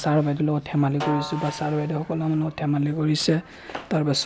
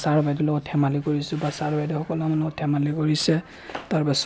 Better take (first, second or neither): second